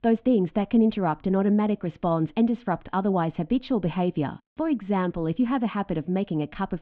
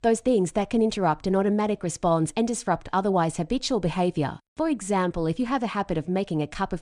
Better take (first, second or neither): second